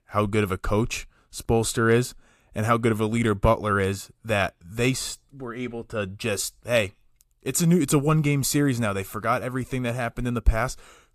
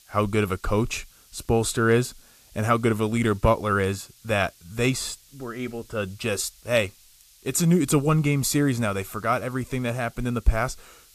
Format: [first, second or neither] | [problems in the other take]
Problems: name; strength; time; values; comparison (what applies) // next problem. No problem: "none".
first | hiss; faint; throughout; 25 dB below the speech